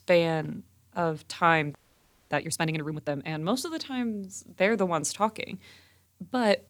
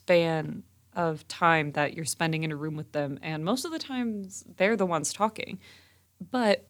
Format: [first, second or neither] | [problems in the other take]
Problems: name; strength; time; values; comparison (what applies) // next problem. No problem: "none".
second | audio freezing; at 2 s for 0.5 s